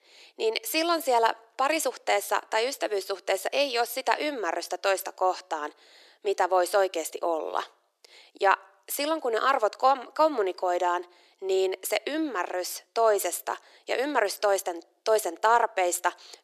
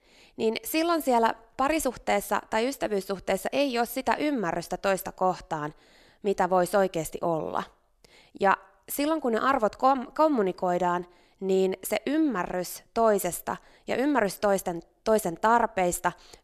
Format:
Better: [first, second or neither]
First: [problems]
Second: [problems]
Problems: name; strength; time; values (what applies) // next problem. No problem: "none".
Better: second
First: thin; somewhat; fading below 350 Hz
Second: none